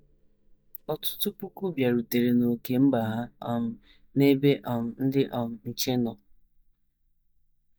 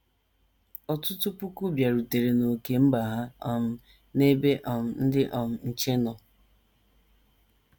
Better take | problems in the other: second | noise reduction (neural mask model DeepFilterNet 3)

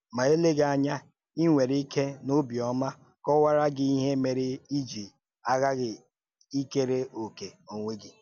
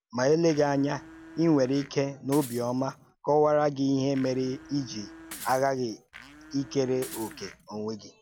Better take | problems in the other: first | background sound (Domestic sounds, home sounds + Shatter / Crushing); 19 dB below the speech

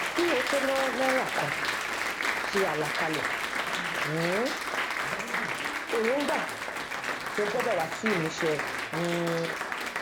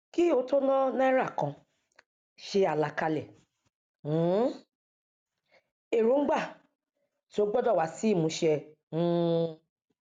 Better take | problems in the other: second | background sound (Applause); 1 dB above the speech

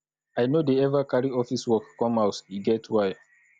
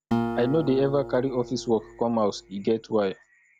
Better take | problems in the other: first | background sound (Acoustic guitar); 8 dB below the speech

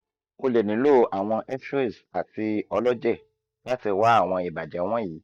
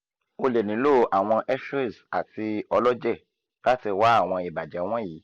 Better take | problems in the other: second | noise reduction (neural mask model DeepFilterNet 3)

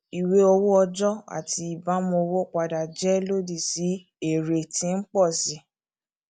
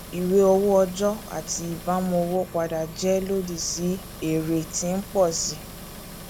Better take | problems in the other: first | background sound (Engine); 14 dB below the speech

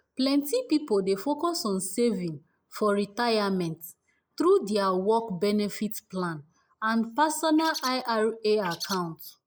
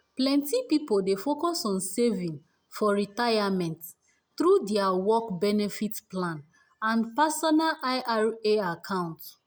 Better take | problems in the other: second | noise reduction (neural mask model Resemble Enhance denoiser)

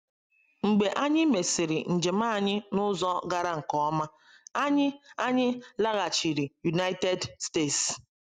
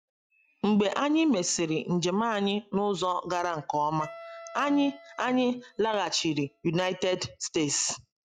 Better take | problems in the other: first | noise reduction (classical method log-MMSE)

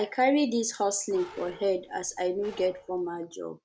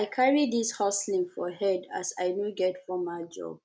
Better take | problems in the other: second | background sound (Bark); 20 dB below the speech

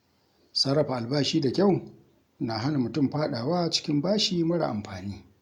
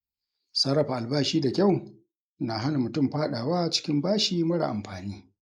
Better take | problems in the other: first | noise reduction (neural mask model Resemble Enhance denoiser)

